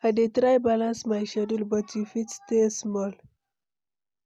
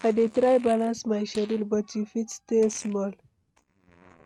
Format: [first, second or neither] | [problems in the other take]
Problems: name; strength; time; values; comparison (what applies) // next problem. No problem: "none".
first | noise reduction (neural mask model RNNoise)